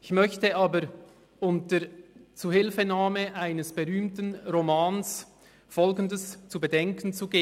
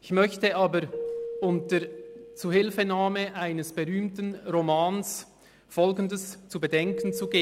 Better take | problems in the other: first | background sound (Keyboard (musical)); 13 dB below the speech

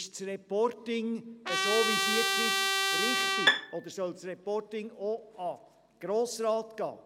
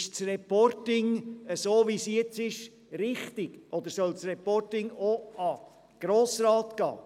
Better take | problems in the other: second | background sound (Bowed string instrument + Trumpet); 5 dB above the speech

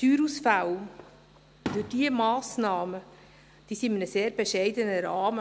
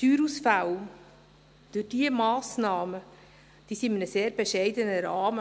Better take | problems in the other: second | background sound (Fireworks); 18 dB below the speech

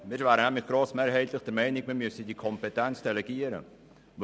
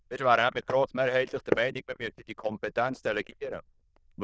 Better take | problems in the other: first | noise reduction (neural diffusion model UNIVERSE++)

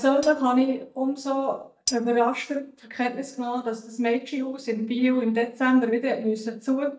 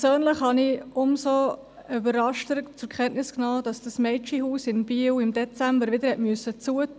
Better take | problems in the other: second | noise reduction (neural mask model DeepFilterNet 3)

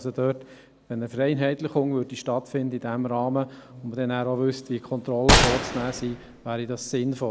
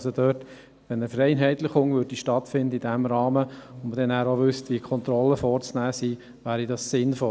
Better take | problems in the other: second | background sound (Gunshot, gunfire); 3 dB above the speech

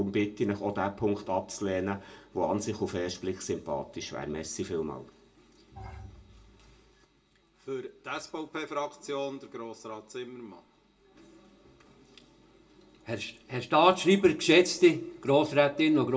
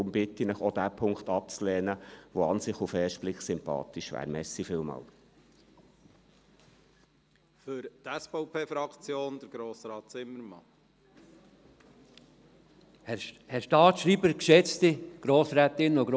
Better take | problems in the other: second | background sound (Bowed string instrument); 18 dB below the speech // room echo; dies away in 0.2 s

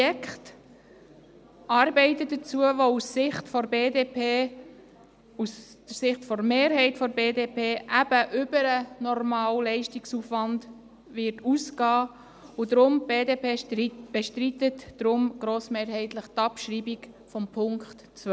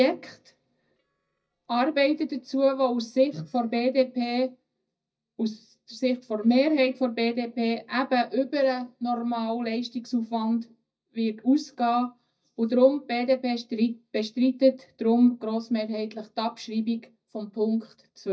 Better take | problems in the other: first | noise reduction (neural mask model DeepFilterNet 3)

